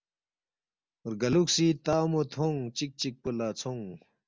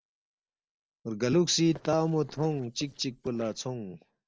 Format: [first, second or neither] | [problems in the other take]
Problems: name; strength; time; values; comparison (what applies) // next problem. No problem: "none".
first | noise reduction (neural separator model SepFormer DNS4)